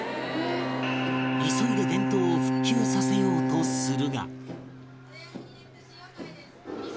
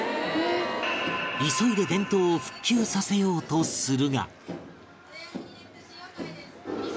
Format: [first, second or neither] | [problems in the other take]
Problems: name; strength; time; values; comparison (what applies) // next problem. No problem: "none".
second | background sound (Bowed string instrument); 2 dB above the speech